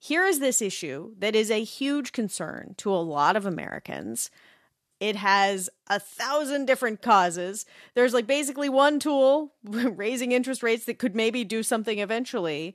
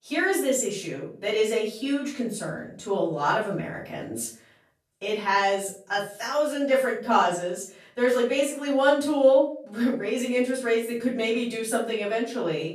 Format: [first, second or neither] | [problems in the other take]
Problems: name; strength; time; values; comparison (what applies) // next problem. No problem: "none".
first | off-mic speech; far // room echo; noticeable; dies away in 0.4 s